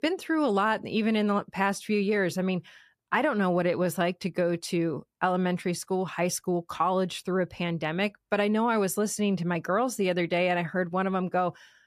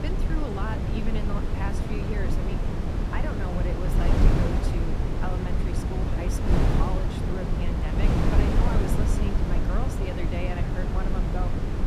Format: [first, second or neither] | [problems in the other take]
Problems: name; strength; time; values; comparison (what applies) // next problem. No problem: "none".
first | wind noise on the microphone; heavy; 3 dB above the speech